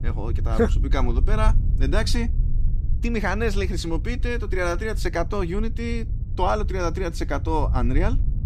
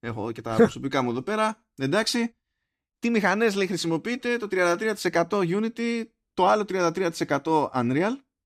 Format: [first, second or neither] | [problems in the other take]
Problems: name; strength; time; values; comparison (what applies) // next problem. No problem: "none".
second | low rumble; noticeable; throughout; 15 dB below the speech